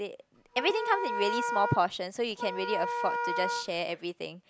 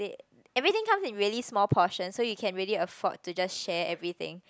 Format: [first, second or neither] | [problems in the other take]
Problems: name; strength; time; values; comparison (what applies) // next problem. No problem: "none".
second | background sound (Wind instrument, woodwind instrument); 2 dB below the speech